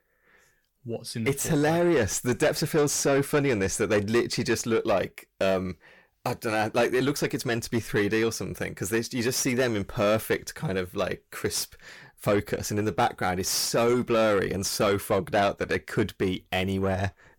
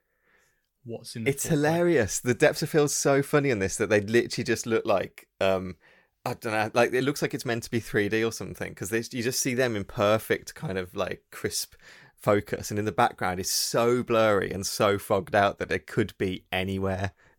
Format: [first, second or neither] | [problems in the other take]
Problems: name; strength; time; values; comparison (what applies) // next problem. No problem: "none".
second | distortion; slight; 10 dB below the speech